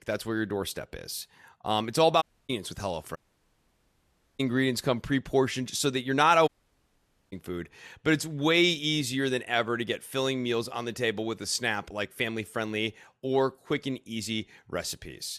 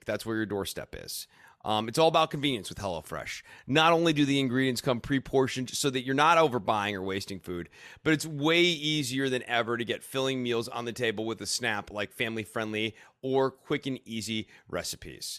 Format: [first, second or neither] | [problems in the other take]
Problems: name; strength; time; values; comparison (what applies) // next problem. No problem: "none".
second | audio cutting out; at 2 s, at 3 s for 1 s and at 6.5 s for 1 s